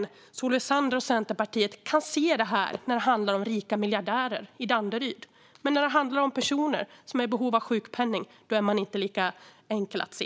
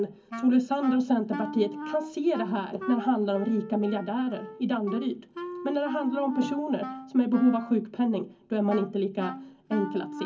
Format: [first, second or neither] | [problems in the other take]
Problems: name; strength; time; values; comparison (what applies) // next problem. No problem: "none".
first | background sound (Wind instrument, woodwind instrument); 12 dB below the speech // room echo; dies away in 0.3 s